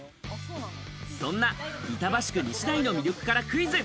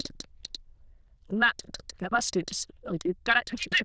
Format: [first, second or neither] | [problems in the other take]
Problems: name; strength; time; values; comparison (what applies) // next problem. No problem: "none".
first | noise reduction (neural diffusion model UNIVERSE++)